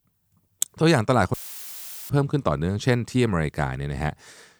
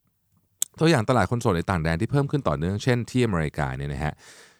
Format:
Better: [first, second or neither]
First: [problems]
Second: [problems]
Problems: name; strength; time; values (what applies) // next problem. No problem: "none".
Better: second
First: audio cutting out; filled with static; at 1.5 s for 1 s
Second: none